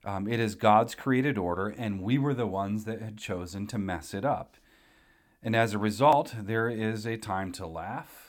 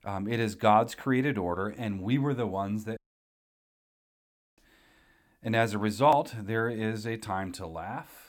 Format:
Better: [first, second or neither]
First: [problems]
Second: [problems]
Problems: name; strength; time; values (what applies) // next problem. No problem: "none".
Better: first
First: none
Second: audio cutting out; at 3 s for 1.5 s